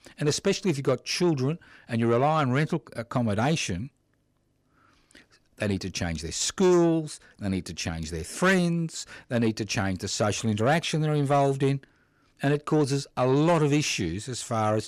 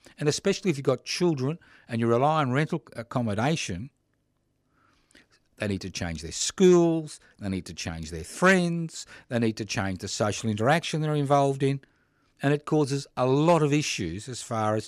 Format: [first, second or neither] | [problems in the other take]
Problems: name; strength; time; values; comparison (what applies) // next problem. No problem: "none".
second | distortion; slight; 10 dB below the speech